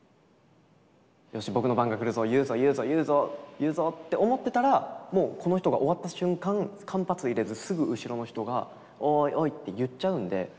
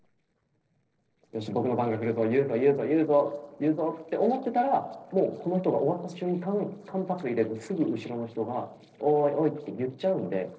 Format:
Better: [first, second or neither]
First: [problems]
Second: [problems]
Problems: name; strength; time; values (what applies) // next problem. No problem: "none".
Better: first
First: none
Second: noise reduction (neural separator model SepFormer DNS4)